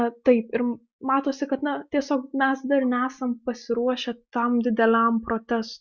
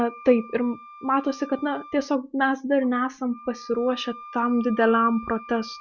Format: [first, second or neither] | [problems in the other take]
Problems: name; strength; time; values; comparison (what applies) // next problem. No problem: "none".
first | background sound (Wind instrument, woodwind instrument); 18 dB below the speech